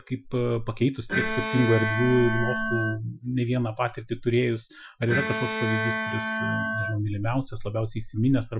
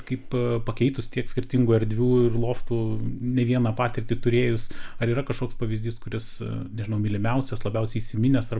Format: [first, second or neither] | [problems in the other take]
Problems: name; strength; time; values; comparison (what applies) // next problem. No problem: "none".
second | noise reduction (classical method Wiener filter)